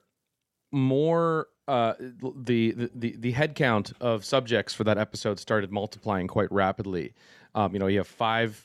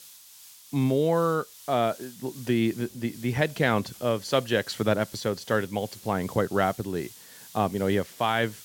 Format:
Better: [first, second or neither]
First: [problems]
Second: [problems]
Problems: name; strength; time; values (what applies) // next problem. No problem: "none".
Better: first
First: none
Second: hiss; noticeable; throughout; 20 dB below the speech